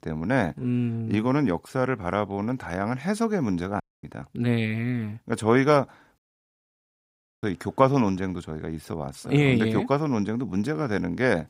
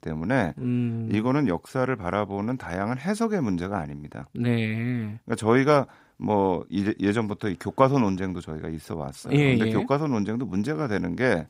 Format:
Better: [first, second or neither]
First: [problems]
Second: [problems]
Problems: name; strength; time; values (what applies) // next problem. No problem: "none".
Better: second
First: audio cutting out; at 4 s and at 6 s for 1.5 s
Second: none